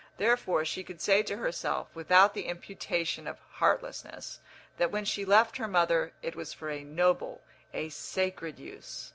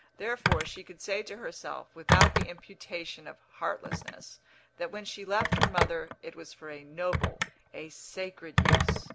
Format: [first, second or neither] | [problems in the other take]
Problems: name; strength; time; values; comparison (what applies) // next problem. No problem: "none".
first | background sound (Telephone); 5 dB above the speech